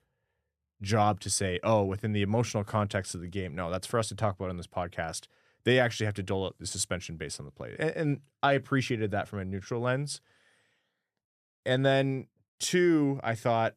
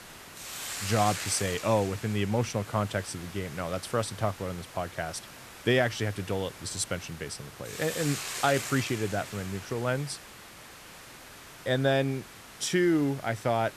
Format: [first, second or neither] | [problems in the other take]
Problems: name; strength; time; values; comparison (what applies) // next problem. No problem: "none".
first | hiss; noticeable; throughout; 10 dB below the speech